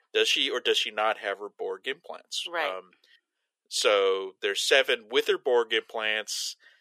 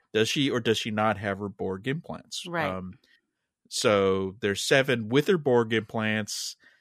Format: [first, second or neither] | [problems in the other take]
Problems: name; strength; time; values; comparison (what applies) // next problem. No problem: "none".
second | thin; very; fading below 400 Hz